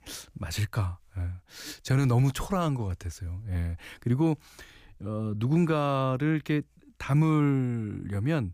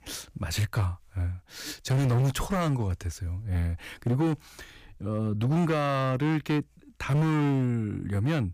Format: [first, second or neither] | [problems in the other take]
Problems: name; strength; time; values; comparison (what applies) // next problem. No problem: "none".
first | distortion; slight; 10% of the sound clipped